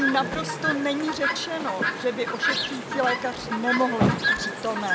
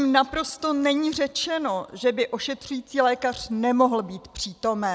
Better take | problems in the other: second | background sound (Chirp, tweet); 1 dB above the speech

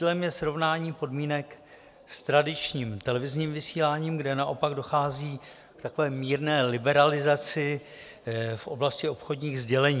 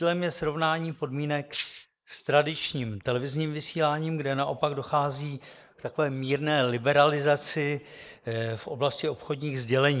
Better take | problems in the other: first | noise reduction (neural mask model Resemble Enhance denoiser)

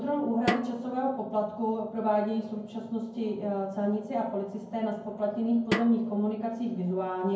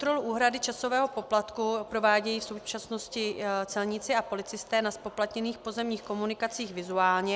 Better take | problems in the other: second | background sound (Snare drum); 7 dB below the speech // room echo; dies away in 0.9 s

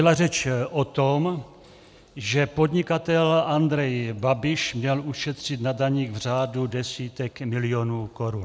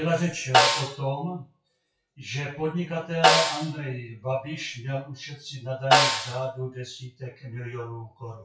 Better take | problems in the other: first | noise reduction (classical method WPE with log-MMSE)

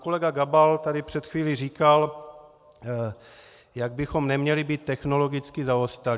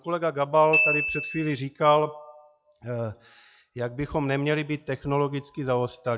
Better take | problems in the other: first | noise reduction (classical method log-MMSE)

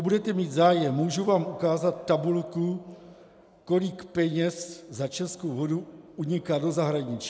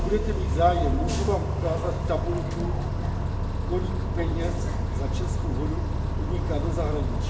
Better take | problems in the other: first | background sound (Bus); 5 dB above the speech // room echo; dies away in 1.4 s

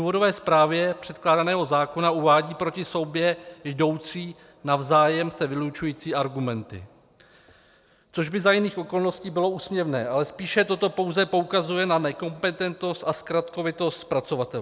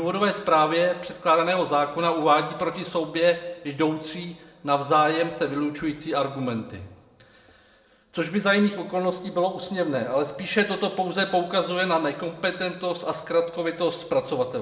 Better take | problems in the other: first | room echo; dies away in 0.8 s

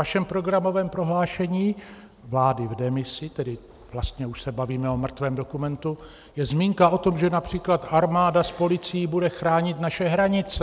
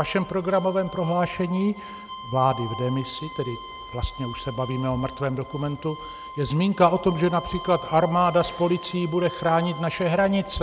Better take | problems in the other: first | background sound (Bowed string instrument); 14 dB below the speech

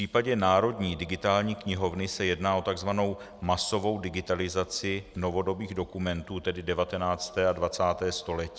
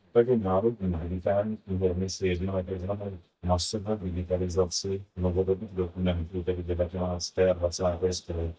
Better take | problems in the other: first | noise reduction (neural mask model DeepFilterNet 3)

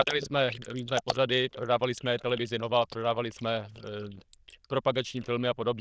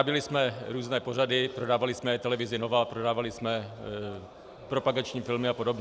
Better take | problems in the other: second | noise reduction (neural diffusion model UNIVERSE++)

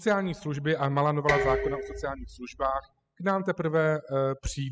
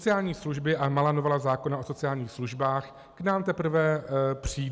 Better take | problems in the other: second | noise reduction (classical method spectral subtraction)

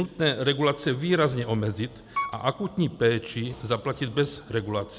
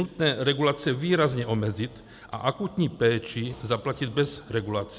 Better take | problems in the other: second | background sound (Piano); 11 dB below the speech

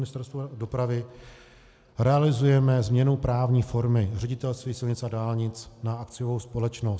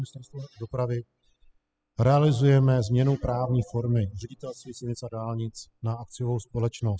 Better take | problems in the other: first | noise reduction (classical method spectral subtraction)

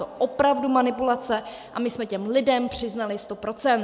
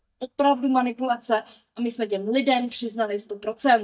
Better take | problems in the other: first | noise reduction (neural mask model DeepFilterNet 3)

